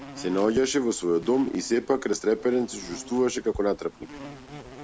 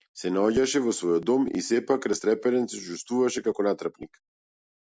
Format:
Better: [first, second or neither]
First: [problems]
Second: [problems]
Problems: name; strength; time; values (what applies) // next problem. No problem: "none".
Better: second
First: background sound (Insect); 18 dB below the speech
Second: none